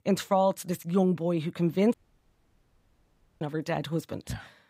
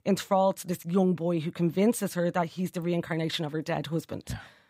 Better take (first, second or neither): second